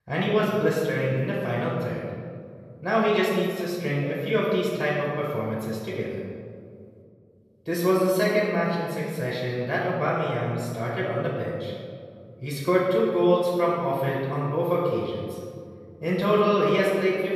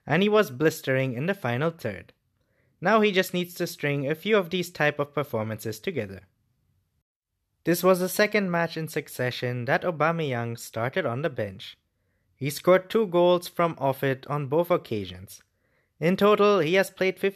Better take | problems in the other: second | room echo; noticeable; dies away in 2 s // off-mic speech; far

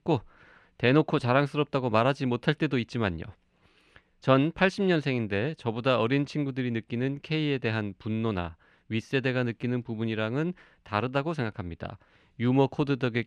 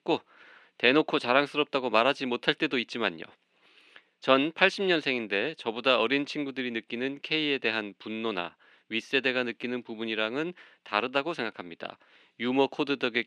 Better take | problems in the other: first | thin; very slightly; fading below 250 Hz

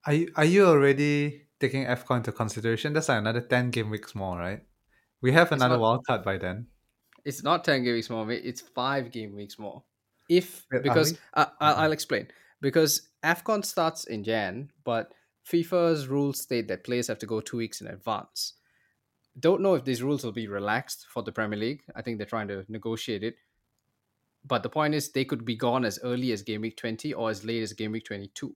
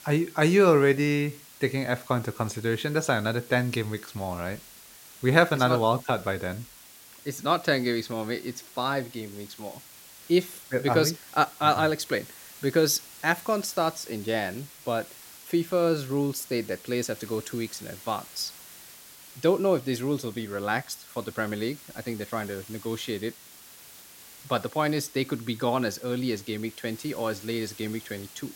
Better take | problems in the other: first | hiss; noticeable; throughout; 20 dB below the speech

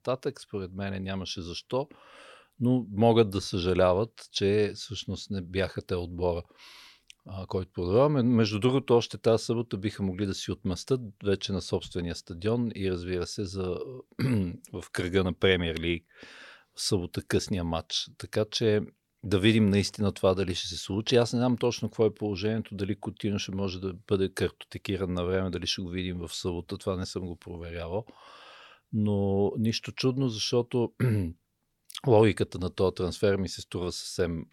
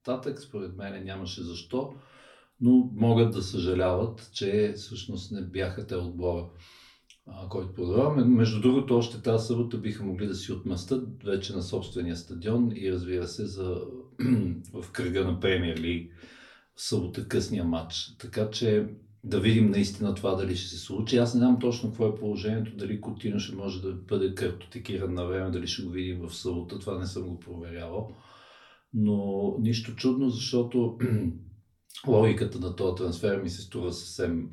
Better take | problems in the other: first | off-mic speech; far // room echo; very slight; dies away in 0.3 s

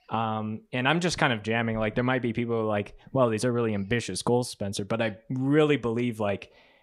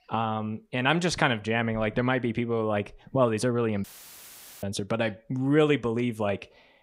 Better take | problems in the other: first | audio cutting out; filled with static; at 4 s for 1 s

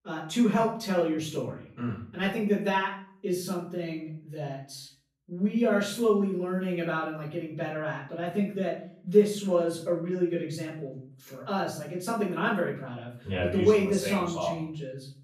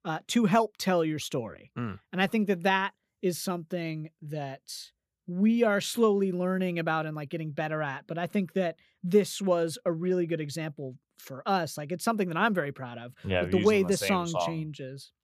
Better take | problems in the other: second | off-mic speech; far // room echo; noticeable; dies away in 0.4 s

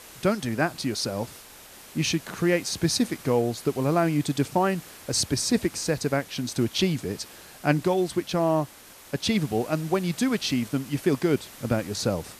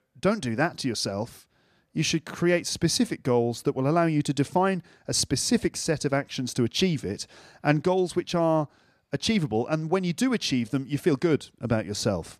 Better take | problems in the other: second | hiss; noticeable; throughout; 20 dB below the speech

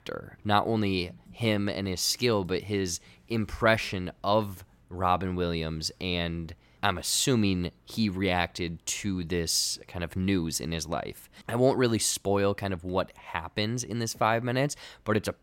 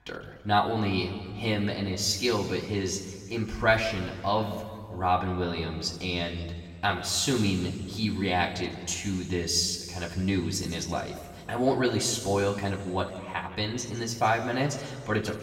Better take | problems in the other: first | room echo; noticeable; dies away in 1.9 s // off-mic speech; somewhat distant

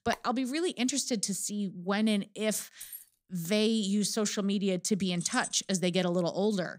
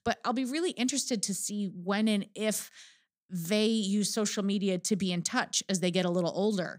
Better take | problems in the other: second | phone ringing; very faint; at the start; peak 15 dB below the speech // jangling keys; faint; at 3 s; peak 15 dB below the speech // jangling keys; noticeable; at 5 s; peak 9 dB below the speech

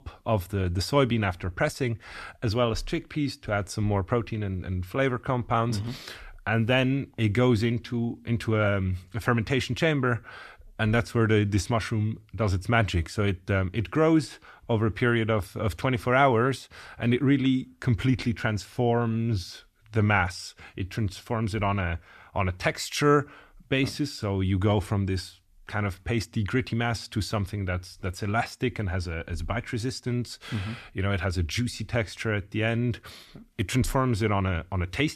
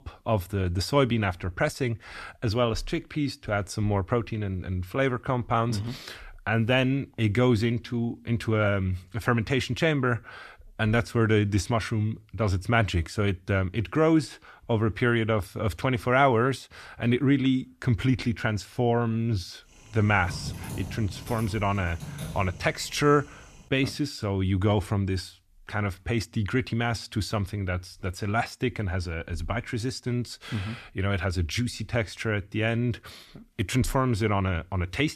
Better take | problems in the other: first | keyboard typing; noticeable; from 20 to 24 s; peak 9 dB below the speech

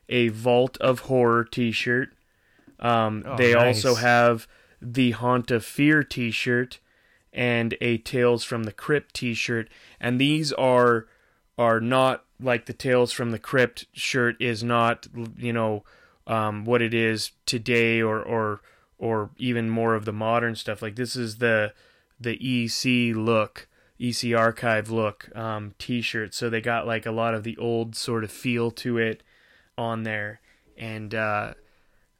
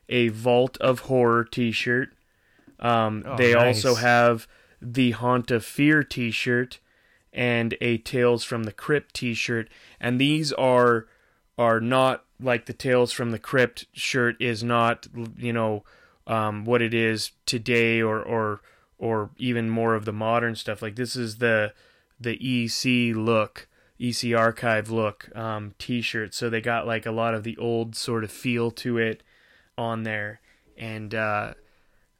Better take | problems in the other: neither | none

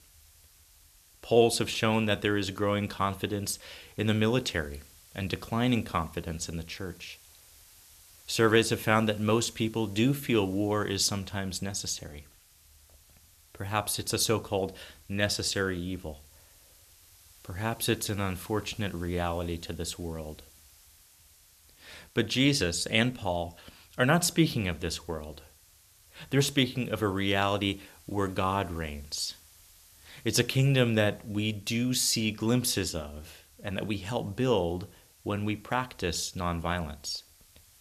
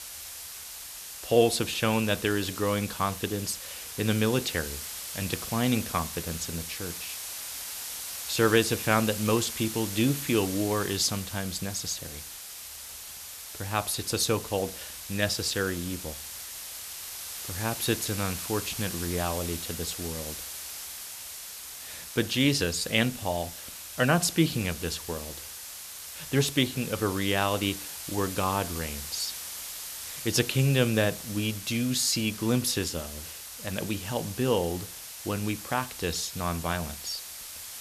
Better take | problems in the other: first | hiss; loud; throughout; 8 dB below the speech; faint in the first

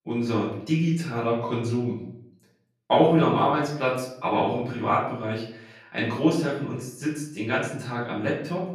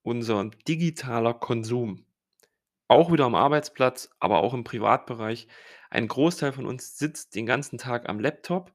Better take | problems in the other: second | off-mic speech; far // room echo; noticeable; dies away in 0.6 s

